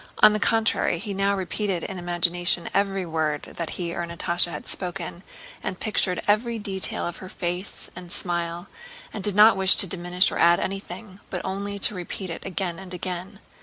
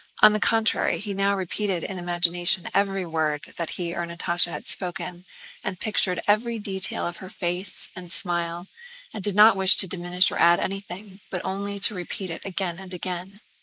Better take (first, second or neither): first